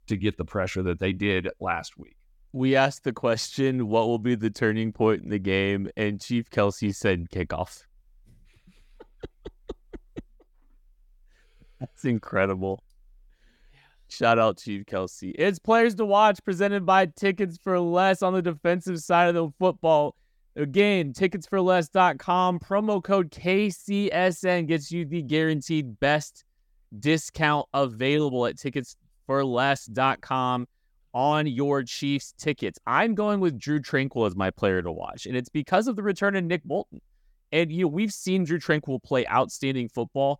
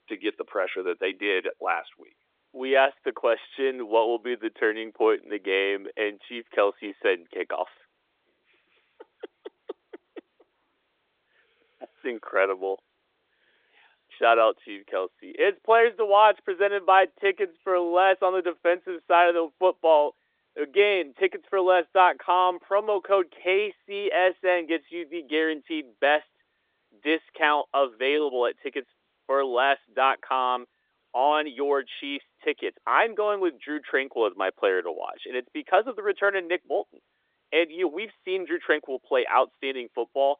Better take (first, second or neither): first